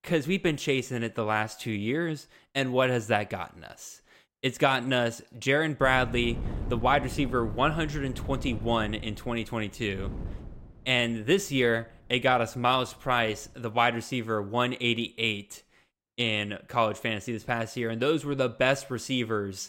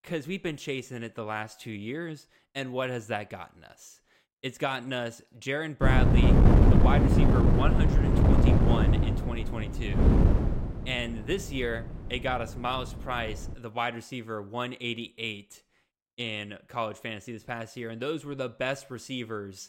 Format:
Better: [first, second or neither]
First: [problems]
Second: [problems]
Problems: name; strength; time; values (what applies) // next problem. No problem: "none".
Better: first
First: wind noise on the microphone; occasional gusts; from 6 to 14 s; 20 dB below the speech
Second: wind noise on the microphone; heavy; from 6 to 14 s; 2 dB above the speech